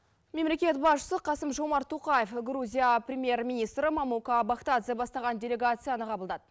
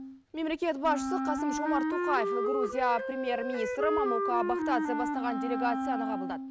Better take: first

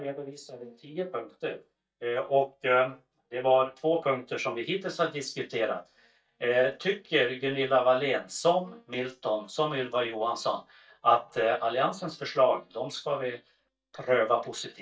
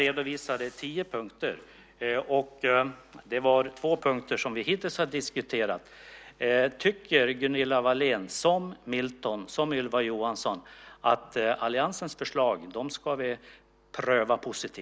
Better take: second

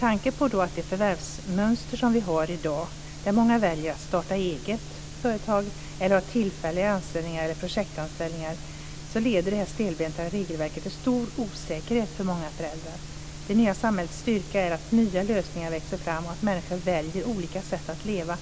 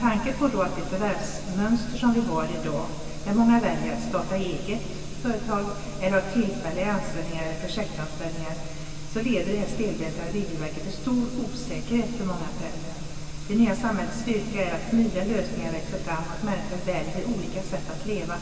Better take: first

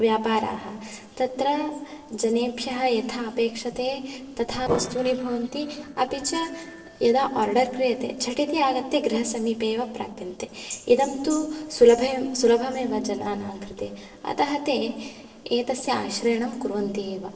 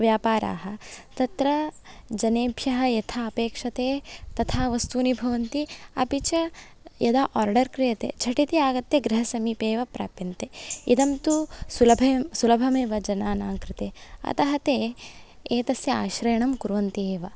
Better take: second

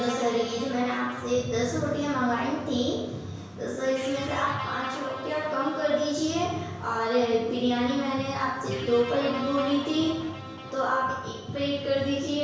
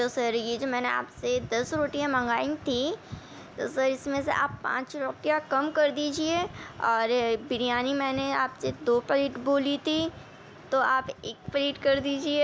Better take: second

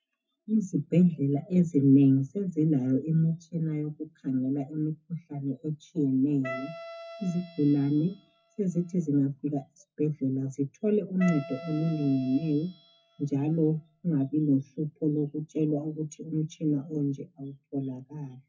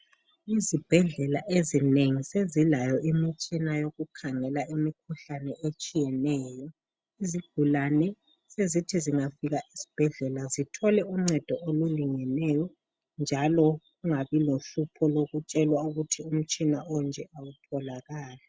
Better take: second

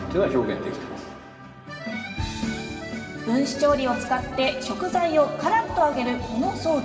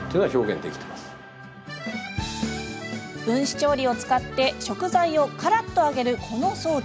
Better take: second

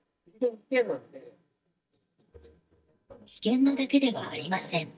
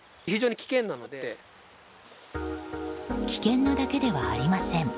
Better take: second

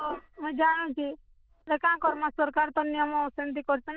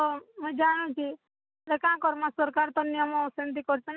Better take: second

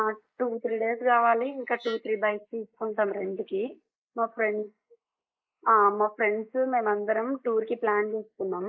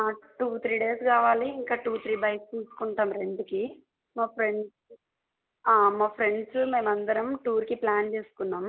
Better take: second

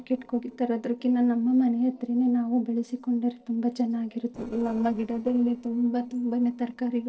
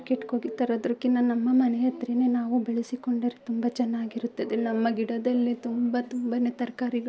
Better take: second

